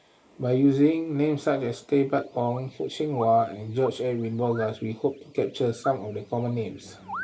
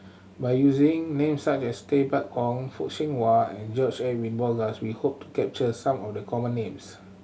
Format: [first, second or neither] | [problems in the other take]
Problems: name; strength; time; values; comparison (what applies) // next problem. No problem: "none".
second | noise reduction (neural mask model Resemble Enhance denoiser)